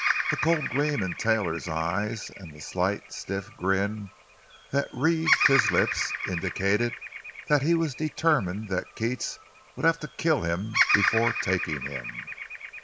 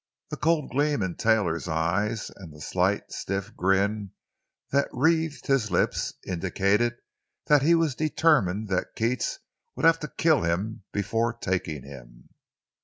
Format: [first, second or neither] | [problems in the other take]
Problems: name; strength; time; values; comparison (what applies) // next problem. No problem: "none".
second | background sound (Bird vocalization, bird call, bird song); 4 dB below the speech